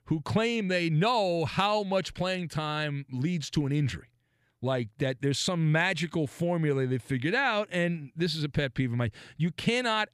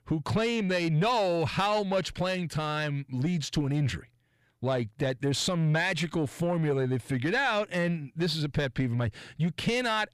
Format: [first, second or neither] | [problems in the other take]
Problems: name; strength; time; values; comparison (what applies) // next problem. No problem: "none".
first | distortion; slight; 10 dB below the speech